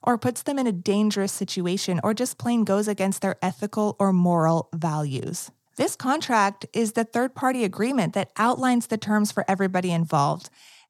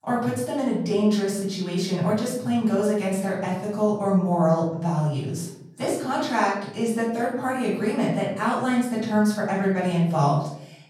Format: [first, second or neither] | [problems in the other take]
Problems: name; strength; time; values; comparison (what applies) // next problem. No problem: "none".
first | room echo; noticeable; dies away in 0.7 s // off-mic speech; far